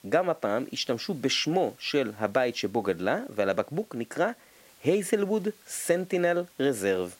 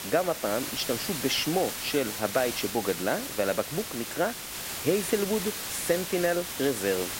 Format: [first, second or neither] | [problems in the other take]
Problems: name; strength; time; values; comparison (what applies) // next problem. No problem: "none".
first | hiss; loud; throughout; 4 dB below the speech; faint in the first